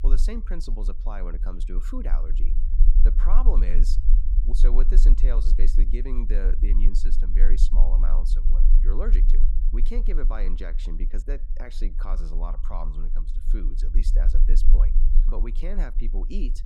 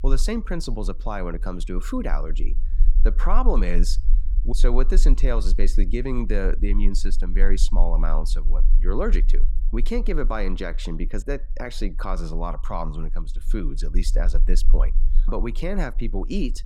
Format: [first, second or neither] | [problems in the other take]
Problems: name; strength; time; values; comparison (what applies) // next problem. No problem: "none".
second | low rumble; loud; throughout; 10 dB below the speech; faint in the second